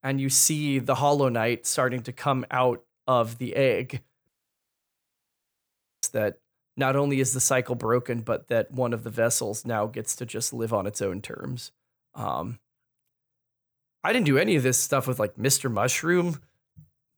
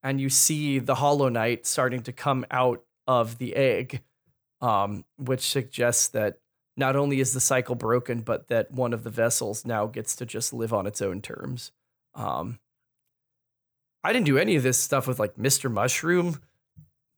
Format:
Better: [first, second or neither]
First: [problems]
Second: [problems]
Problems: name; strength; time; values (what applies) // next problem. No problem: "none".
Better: second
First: audio cutting out; at 4.5 s for 2 s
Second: none